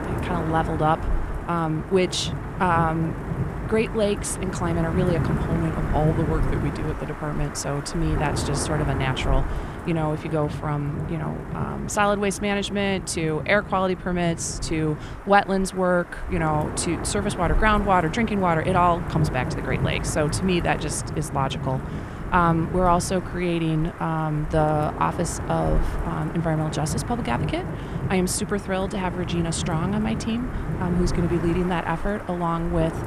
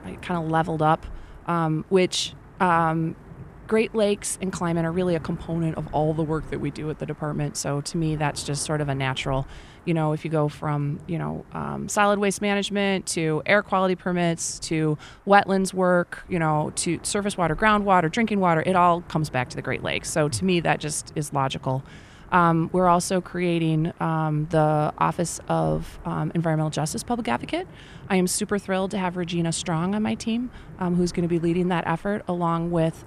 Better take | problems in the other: second | wind noise on the microphone; heavy; 9 dB below the speech; occasional gusts in the second

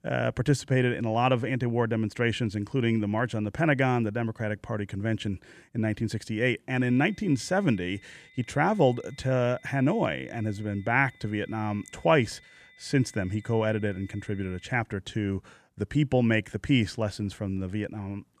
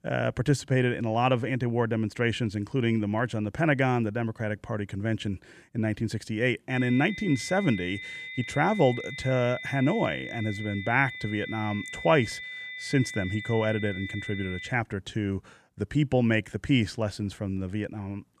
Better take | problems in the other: first | high-pitched whine; loud; from 6.5 to 15 s; 2 kHz, 9 dB below the speech; faint in the first

